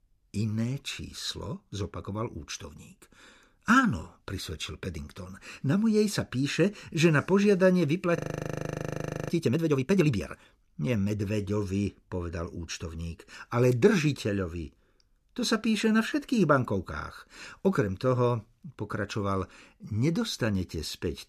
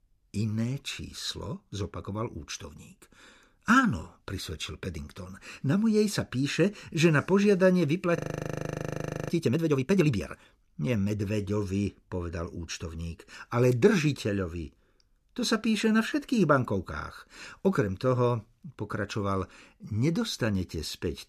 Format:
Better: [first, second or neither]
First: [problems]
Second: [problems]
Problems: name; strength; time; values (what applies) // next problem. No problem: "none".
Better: neither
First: audio freezing; at 8 s for 1 s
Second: audio freezing; at 8 s for 1 s